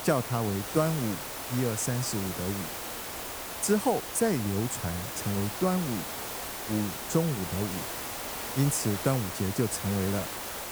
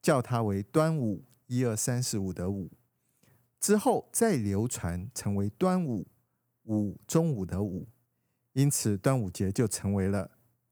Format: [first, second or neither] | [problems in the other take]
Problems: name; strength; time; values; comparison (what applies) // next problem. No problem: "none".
second | hiss; loud; throughout; 4 dB below the speech